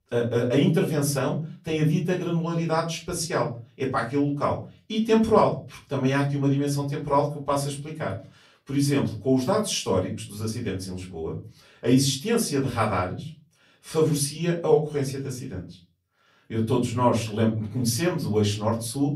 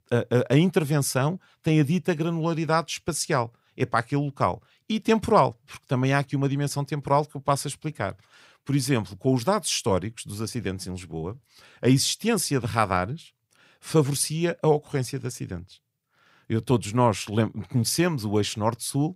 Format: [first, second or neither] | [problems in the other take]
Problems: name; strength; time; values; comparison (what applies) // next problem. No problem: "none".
second | off-mic speech; far // room echo; very slight; dies away in 0.3 s